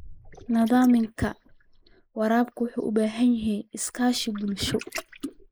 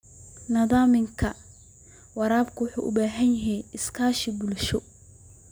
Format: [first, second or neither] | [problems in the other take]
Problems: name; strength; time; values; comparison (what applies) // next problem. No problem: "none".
second | noise reduction (neural mask model Resemble Enhance denoiser)